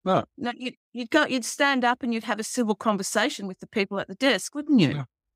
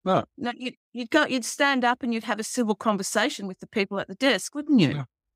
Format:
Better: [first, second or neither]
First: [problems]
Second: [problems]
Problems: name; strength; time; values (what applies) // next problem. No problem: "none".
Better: neither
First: none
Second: none